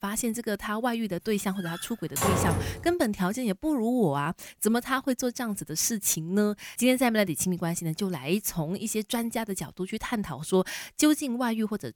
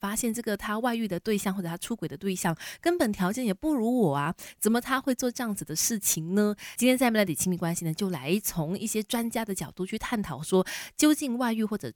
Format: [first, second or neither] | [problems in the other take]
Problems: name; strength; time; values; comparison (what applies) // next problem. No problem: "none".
second | door banging; loud; from 1.5 to 3 s; peak 2 dB above the speech